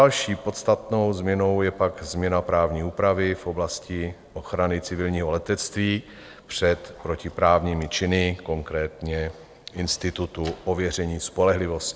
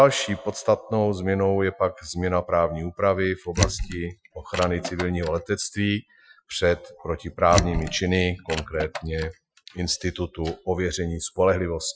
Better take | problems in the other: first | noise reduction (classical method Wiener filter)

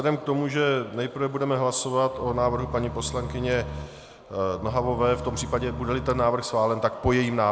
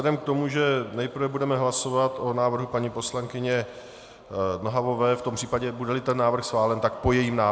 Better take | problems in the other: second | background sound (Bowed string instrument); 11 dB below the speech

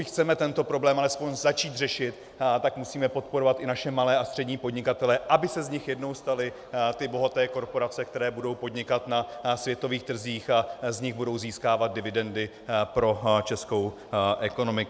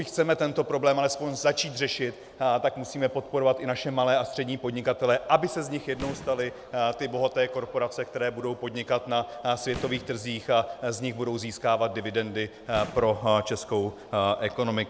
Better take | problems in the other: first | background sound (Fireworks); 18 dB below the speech

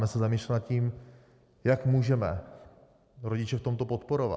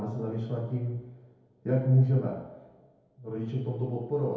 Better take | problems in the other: first | room echo; dies away in 1.9 s

